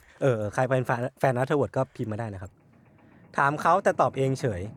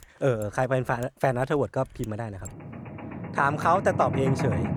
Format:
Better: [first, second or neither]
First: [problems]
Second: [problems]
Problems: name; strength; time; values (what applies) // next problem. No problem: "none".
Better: first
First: machinery noise; faint; throughout; 25 dB below the speech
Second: machinery noise; loud; throughout; 6 dB below the speech